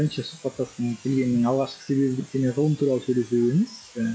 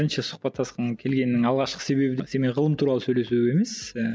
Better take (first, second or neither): second